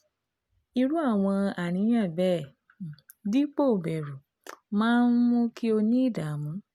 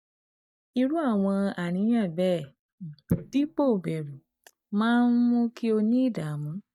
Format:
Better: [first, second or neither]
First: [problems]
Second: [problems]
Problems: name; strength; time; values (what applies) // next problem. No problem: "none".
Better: first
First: none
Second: noise reduction (neural mask model DeepFilterNet 3)